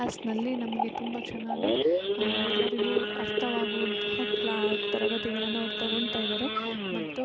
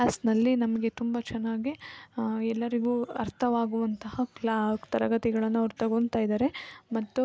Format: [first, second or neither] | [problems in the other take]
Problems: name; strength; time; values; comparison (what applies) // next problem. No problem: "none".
second | background sound (Idling / Sawing / Accelerating, revving, vroom); 4 dB above the speech